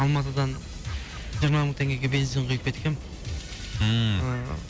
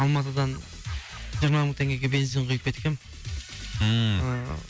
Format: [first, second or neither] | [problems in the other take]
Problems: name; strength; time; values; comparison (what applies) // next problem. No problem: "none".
second | background sound (Subway, metro, underground / Train); 13 dB below the speech